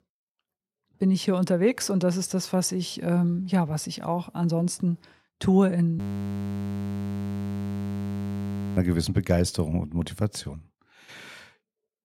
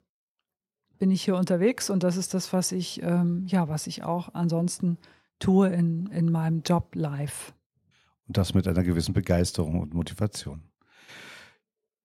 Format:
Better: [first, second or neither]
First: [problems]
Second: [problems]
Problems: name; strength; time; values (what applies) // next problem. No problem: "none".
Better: second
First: audio freezing; at 6 s for 3 s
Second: none